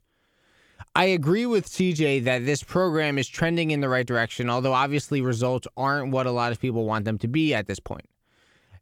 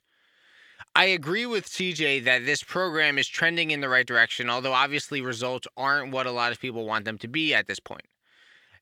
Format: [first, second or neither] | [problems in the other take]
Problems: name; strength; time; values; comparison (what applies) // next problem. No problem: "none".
first | thin; somewhat; fading below 750 Hz